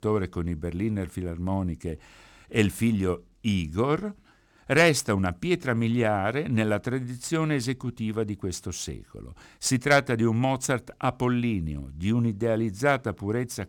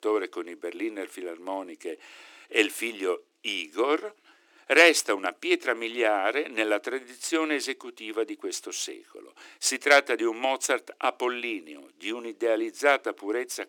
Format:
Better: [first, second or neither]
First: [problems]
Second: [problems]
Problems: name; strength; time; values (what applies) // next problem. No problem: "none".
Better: first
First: none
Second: thin; very; fading below 300 Hz